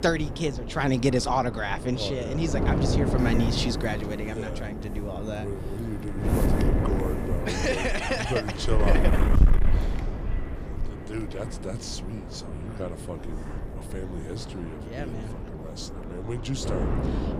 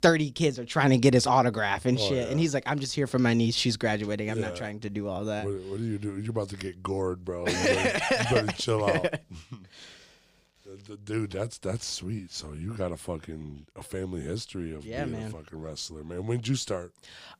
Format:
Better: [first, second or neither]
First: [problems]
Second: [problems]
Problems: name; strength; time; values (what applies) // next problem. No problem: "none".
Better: second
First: wind noise on the microphone; heavy; 5 dB below the speech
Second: none